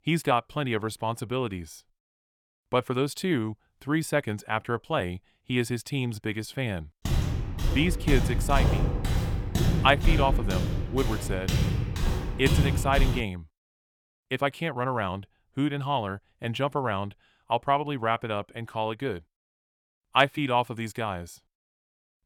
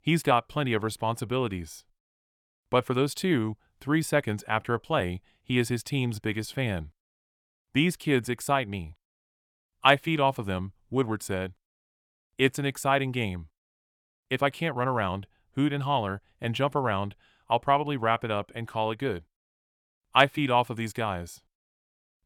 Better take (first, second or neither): second